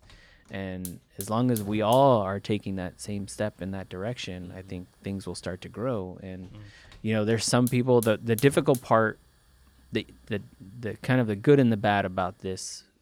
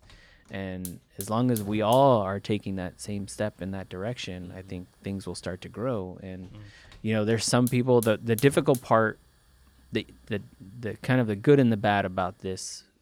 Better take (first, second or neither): neither